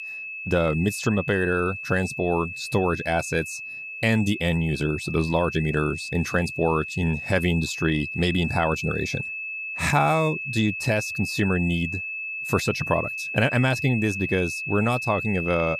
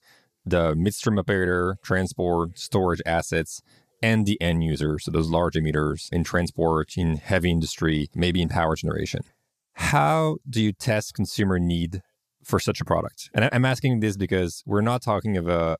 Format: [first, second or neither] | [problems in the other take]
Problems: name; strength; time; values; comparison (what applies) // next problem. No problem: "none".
second | high-pitched whine; loud; throughout; 2.5 kHz, 6 dB below the speech